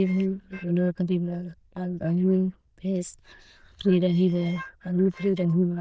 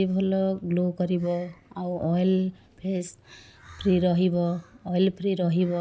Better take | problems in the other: second | noise reduction (neural diffusion model UNIVERSE++)

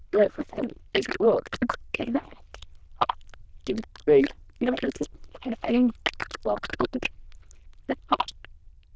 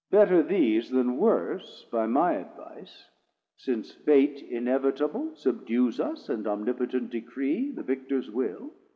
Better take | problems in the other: second | noise reduction (neural diffusion model UNIVERSE++)

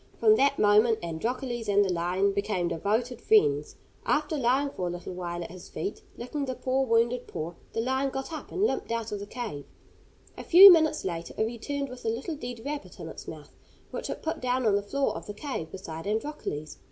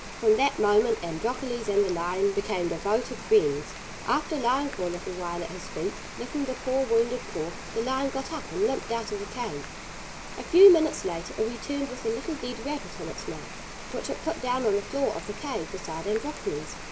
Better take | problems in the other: first | background sound (Rain); 11 dB below the speech

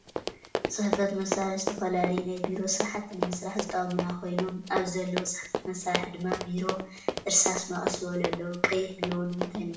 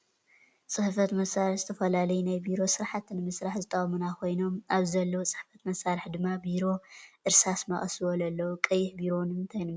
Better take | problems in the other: second | background sound (Run); 4 dB below the speech // room echo; dies away in 0.5 s

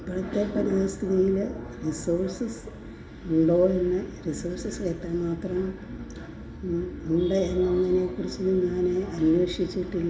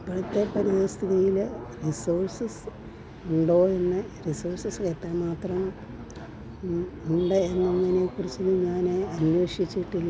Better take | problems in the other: second | room echo; dies away in 0.6 s

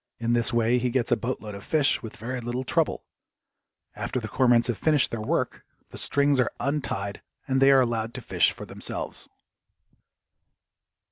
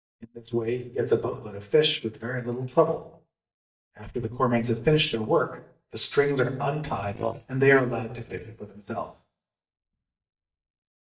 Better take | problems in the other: first | noise reduction (neural mask model DeepFilterNet 3)

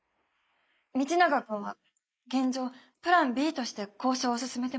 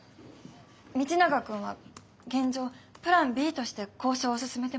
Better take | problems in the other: second | noise reduction (neural mask model Resemble Enhance denoiser)

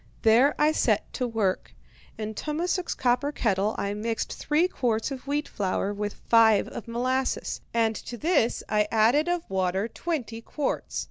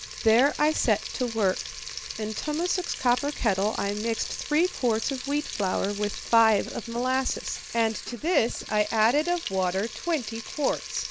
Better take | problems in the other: first | background sound (Frying (food)); 11 dB below the speech

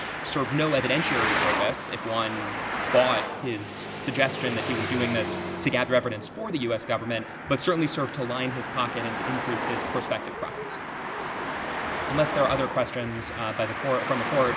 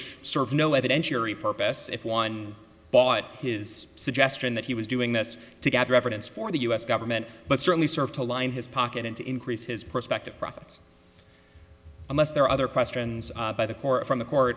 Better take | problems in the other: second | background sound (Traffic noise, roadway noise); 3 dB below the speech

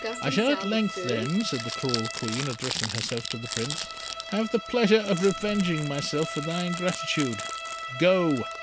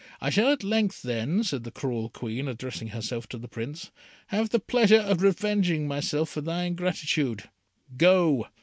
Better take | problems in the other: second | background sound (Bowed string instrument + Crumpling, crinkling); 7 dB below the speech

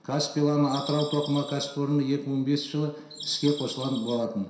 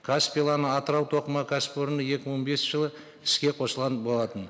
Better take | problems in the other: second | background sound (Bird vocalization, bird call, bird song); 13 dB below the speech // room echo; dies away in 0.7 s

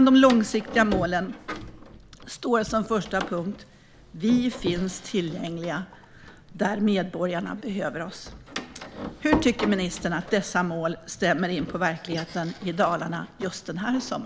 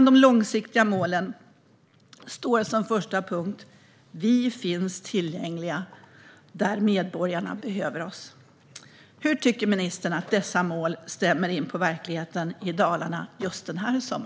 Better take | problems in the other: second | background sound (Door); 12 dB below the speech

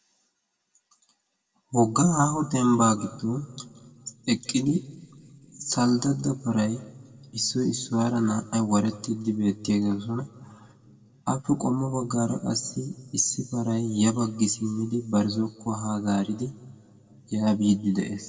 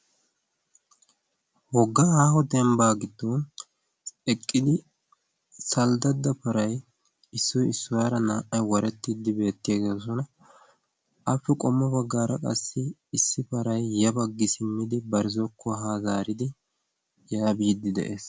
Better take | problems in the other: second | room echo; dies away in 1.2 s

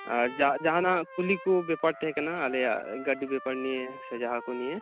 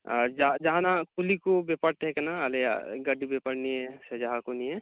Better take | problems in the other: second | background sound (Trumpet); 15 dB below the speech

